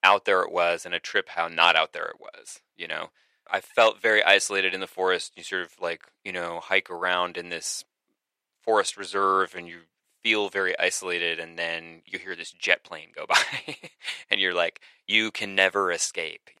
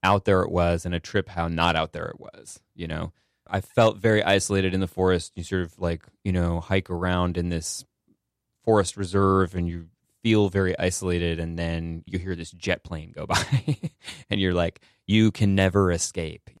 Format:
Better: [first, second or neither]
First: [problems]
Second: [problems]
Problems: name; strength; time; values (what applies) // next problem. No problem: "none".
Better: second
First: thin; very; fading below 600 Hz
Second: none